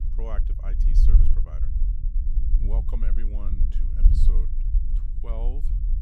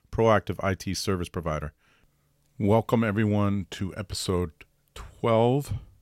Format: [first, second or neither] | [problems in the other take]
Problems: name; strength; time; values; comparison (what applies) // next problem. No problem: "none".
second | low rumble; loud; throughout; 2 dB below the speech